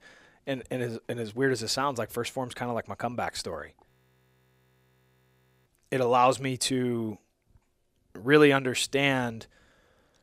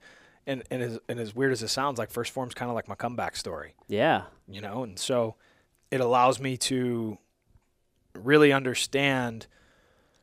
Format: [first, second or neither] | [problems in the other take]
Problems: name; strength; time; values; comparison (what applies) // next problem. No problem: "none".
second | audio freezing; at 4 s for 2 s